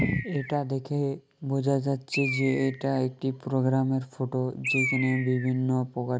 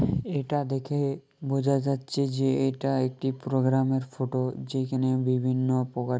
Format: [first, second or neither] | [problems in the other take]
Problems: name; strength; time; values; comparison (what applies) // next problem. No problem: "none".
second | background sound (Bird); 10 dB below the speech